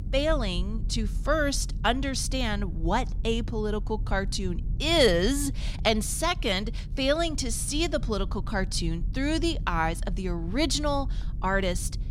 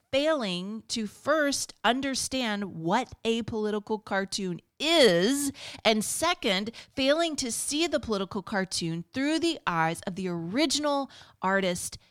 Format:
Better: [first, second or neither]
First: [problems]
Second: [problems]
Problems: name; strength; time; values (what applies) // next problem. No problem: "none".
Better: second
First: low rumble; faint; throughout; 20 dB below the speech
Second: none